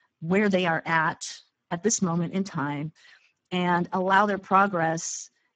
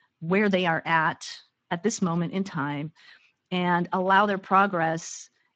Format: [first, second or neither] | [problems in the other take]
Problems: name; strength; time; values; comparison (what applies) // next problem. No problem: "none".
second | garbled, watery; badly; nothing above 7.5 kHz; slightly in the second